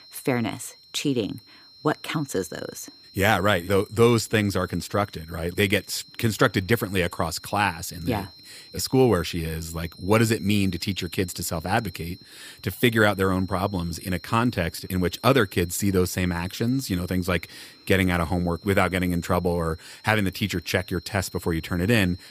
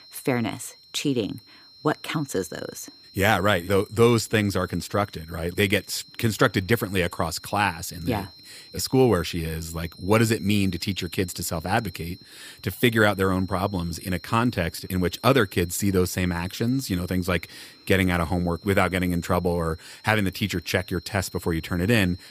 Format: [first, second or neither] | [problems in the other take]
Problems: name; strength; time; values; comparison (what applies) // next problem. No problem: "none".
neither | high-pitched whine; faint; throughout; 4 kHz, 25 dB below the speech; the same in both